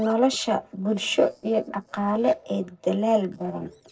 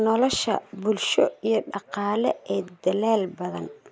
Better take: second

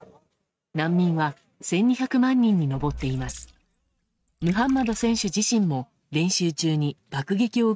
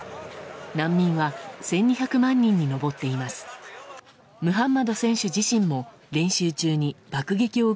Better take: second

